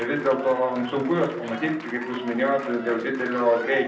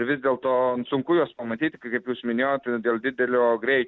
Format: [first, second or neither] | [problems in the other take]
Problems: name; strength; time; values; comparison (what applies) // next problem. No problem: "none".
second | background sound (Applause / Crowd); 13 dB below the speech // room echo; dies away in 0.6 s